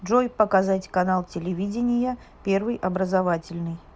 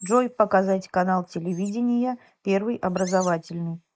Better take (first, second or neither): first